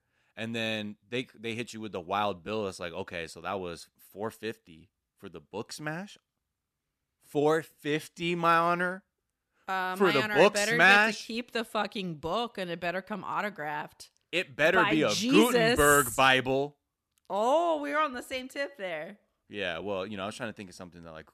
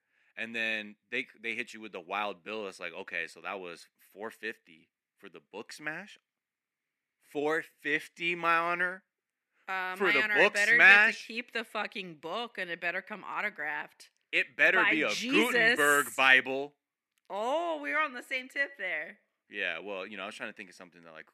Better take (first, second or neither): first